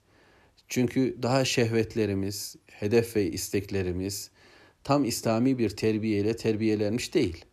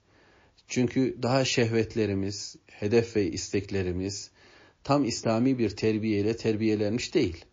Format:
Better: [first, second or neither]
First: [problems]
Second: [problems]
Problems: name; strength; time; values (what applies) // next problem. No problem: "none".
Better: first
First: none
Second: garbled, watery; slightly